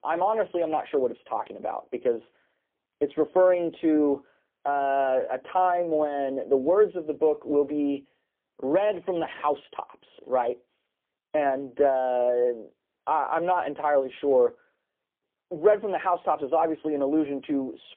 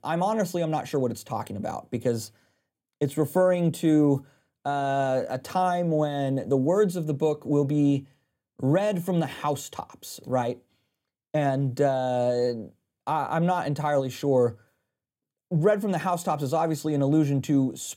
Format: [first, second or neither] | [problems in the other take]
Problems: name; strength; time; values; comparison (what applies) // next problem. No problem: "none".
second | phone-call audio; poor line; nothing above 3 kHz